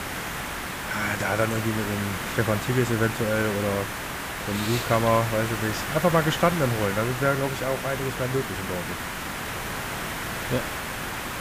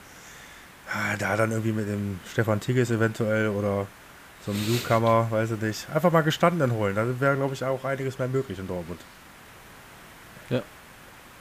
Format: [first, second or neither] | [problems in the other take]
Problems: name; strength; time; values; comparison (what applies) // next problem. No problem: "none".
second | hiss; loud; throughout; 4 dB below the speech; faint in the second